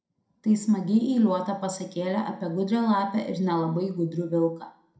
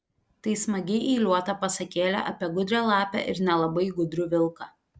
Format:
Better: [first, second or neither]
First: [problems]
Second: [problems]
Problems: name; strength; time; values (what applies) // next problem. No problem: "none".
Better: second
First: room echo; dies away in 0.4 s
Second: none